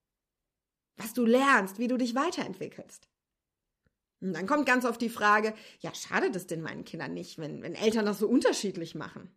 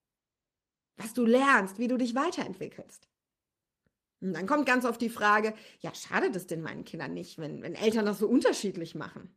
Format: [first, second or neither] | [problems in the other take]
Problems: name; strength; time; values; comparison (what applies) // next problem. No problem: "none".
first | garbled, watery; slightly; nothing above 14.5 kHz